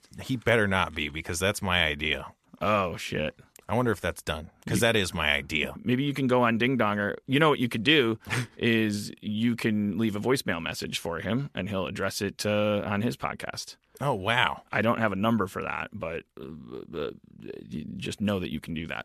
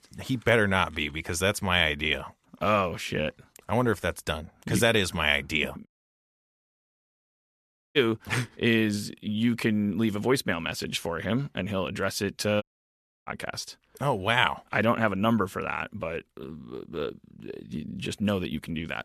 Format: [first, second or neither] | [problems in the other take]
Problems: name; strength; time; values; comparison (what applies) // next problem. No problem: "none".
first | audio cutting out; at 6 s for 2 s and at 13 s for 0.5 s